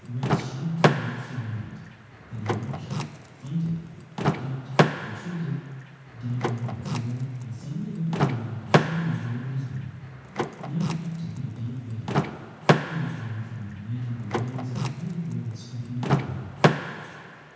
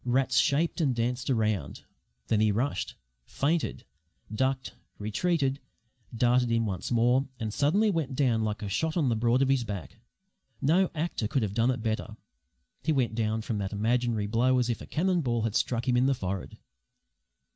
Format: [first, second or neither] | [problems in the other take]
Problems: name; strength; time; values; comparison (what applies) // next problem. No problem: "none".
second | background sound (Door / Car); 3 dB above the speech // room echo; dies away in 1.2 s